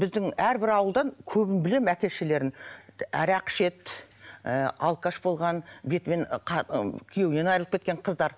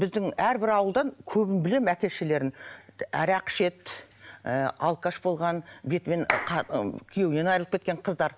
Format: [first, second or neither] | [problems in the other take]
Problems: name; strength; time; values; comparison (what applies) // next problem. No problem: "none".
first | background sound (Clapping); 7 dB below the speech